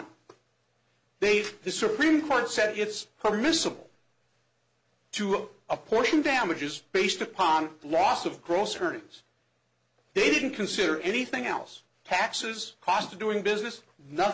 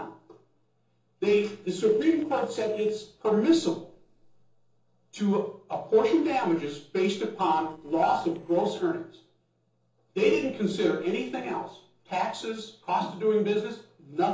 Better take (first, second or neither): first